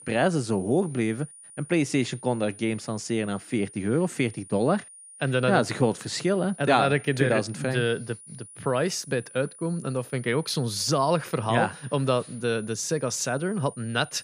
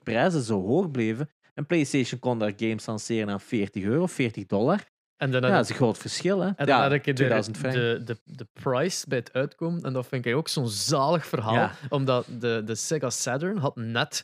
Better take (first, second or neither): second